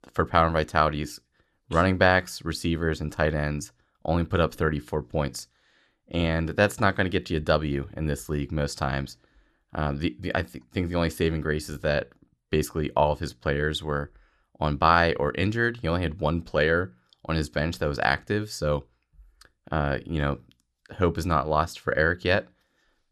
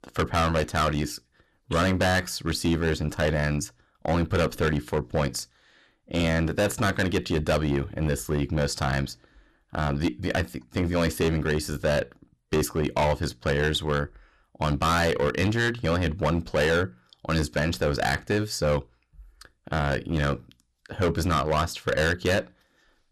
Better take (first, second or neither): first